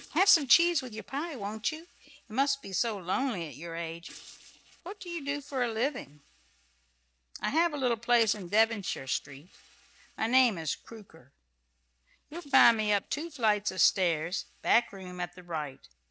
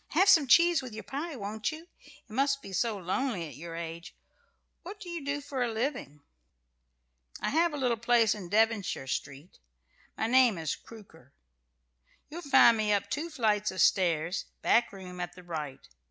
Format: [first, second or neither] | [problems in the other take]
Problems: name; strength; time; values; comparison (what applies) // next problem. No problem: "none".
second | noise reduction (neural separator model SepFormer DNS4)